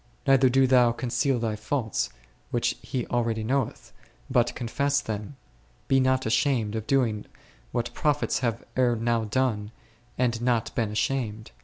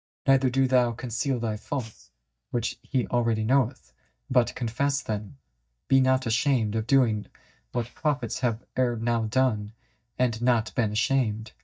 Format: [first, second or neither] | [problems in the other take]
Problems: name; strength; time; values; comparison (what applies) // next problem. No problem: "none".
first | noise reduction (neural mask model DeepFilterNet 3)